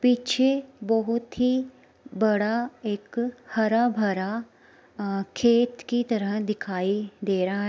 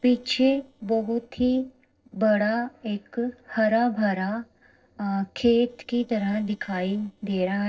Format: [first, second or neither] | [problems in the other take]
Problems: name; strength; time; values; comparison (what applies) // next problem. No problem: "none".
first | noise reduction (neural separator model SepFormer DNS4)